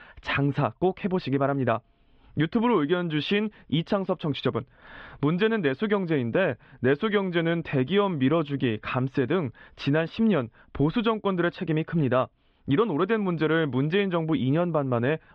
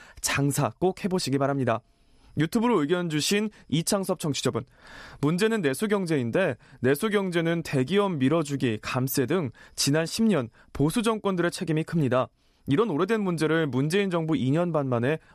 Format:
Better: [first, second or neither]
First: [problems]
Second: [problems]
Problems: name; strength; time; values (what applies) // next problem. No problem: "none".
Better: second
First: muffled; very; fading above 3.5 kHz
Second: none